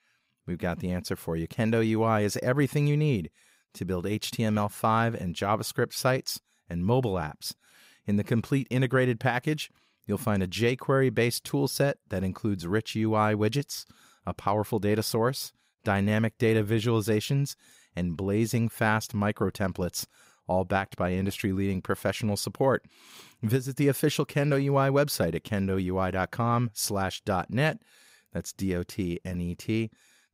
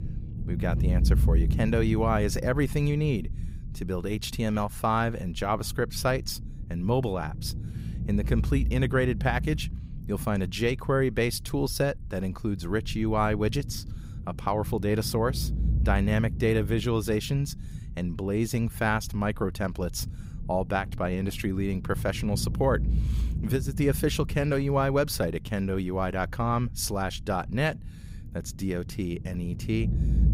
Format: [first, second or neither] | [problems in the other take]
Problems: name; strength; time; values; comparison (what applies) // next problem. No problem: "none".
first | low rumble; noticeable; throughout; 15 dB below the speech